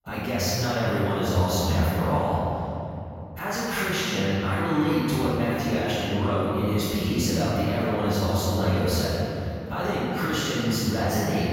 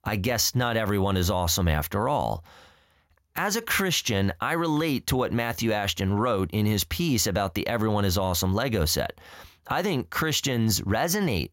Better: second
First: off-mic speech; far // room echo; strong; dies away in 2.9 s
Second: none

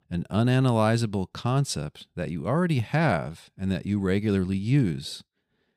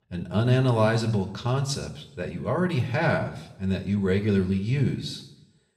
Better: first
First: none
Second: room echo; slight; dies away in 0.7 s // off-mic speech; somewhat distant

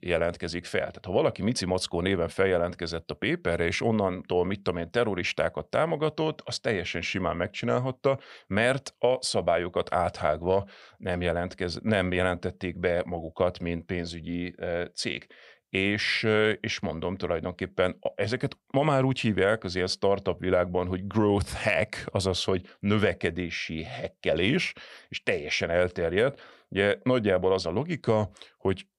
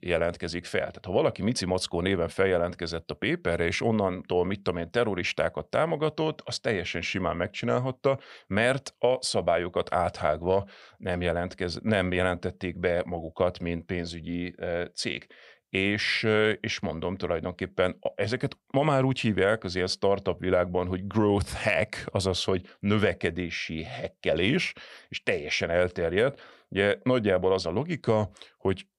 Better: neither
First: none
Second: none

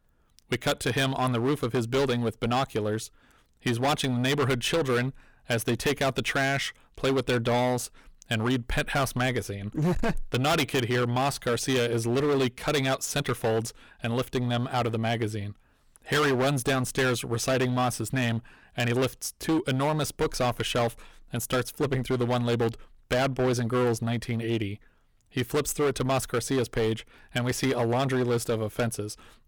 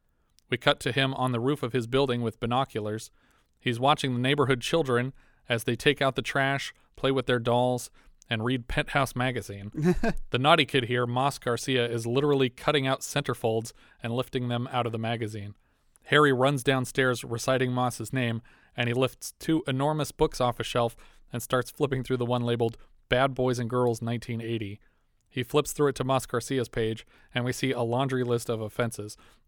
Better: second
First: distortion; heavy; 14% of the sound clipped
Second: none

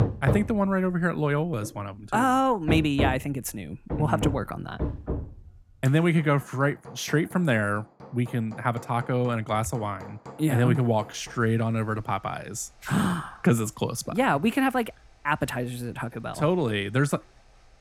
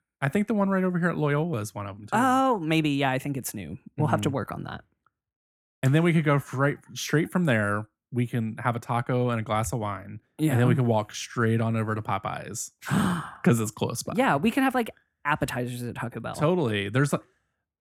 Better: second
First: machinery noise; loud; throughout; 9 dB below the speech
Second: none

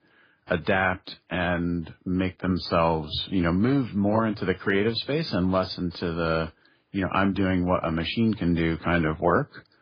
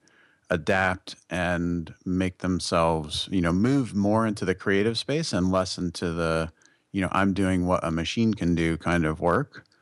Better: second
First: garbled, watery; badly; nothing above 4 kHz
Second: none

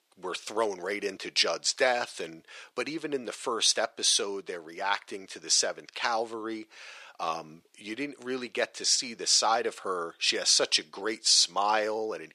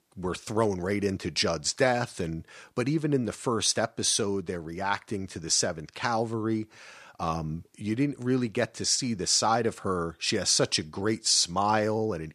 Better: second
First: thin; somewhat; fading below 500 Hz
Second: none

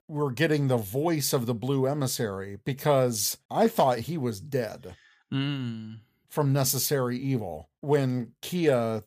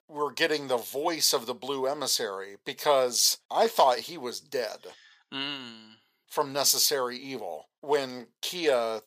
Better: first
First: none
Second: thin; very; fading below 500 Hz

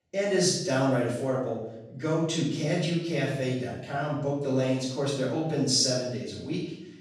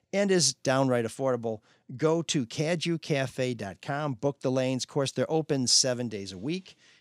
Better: second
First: off-mic speech; far // room echo; noticeable; dies away in 0.8 s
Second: none

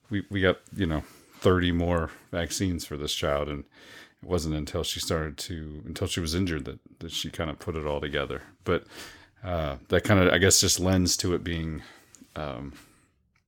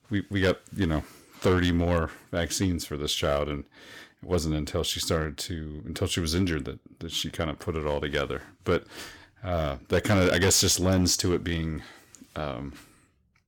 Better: first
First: none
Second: distortion; slight; 3% of the sound clipped

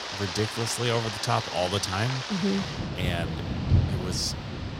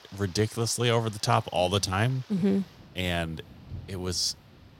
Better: second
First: rain or running water; loud; throughout; 2 dB below the speech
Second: rain or running water; faint; throughout; 20 dB below the speech

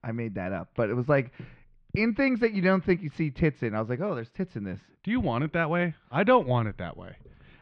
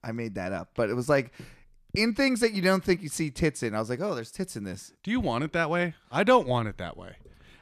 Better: second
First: muffled; slightly; fading above 3 kHz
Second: none

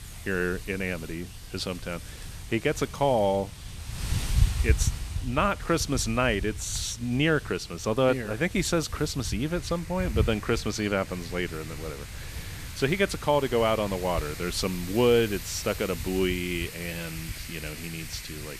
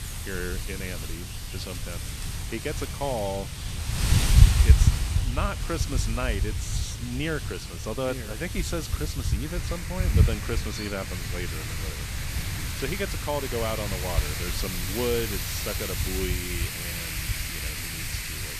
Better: first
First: wind noise on the microphone; occasional gusts; 15 dB below the speech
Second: wind noise on the microphone; heavy; as loud as the speech

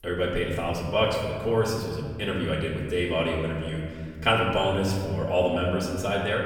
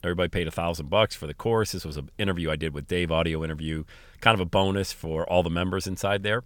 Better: second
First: off-mic speech; far // room echo; noticeable; dies away in 1.7 s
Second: none

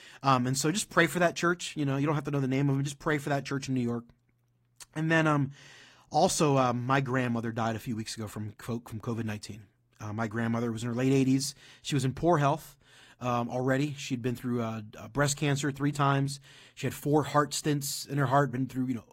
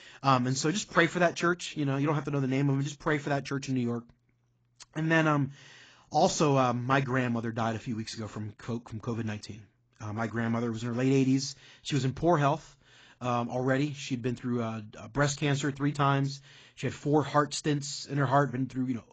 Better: first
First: garbled, watery; slightly; nothing above 15.5 kHz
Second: garbled, watery; badly; nothing above 7.5 kHz

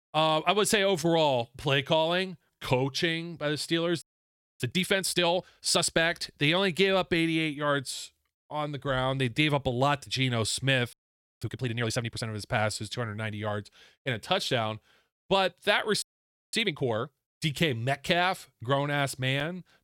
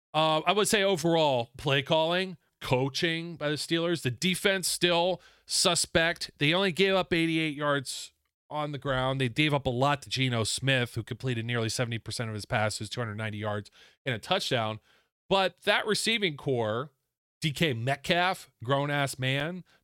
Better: second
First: audio freezing; at 4 s for 0.5 s, at 11 s and at 16 s for 0.5 s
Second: none

